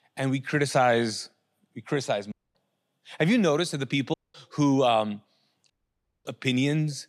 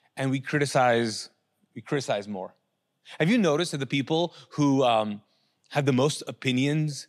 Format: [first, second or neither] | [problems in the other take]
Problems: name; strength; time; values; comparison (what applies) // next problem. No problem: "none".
second | audio cutting out; at 2.5 s, at 4 s and at 5.5 s for 0.5 s